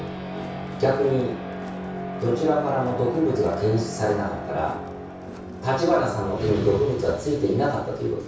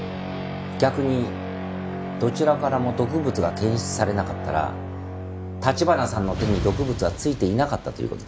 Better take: second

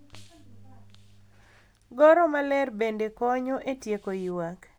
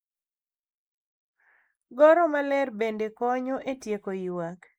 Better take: first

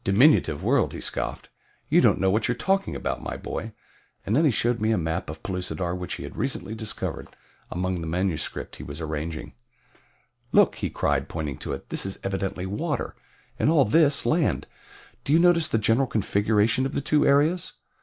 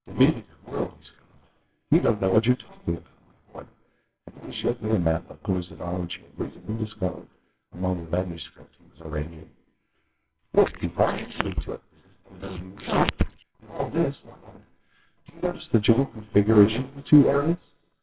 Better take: first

